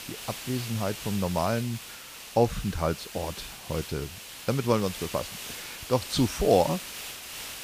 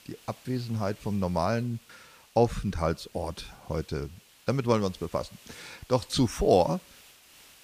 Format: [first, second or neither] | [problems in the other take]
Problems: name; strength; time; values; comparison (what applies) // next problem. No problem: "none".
second | hiss; loud; throughout; 9 dB below the speech; faint in the second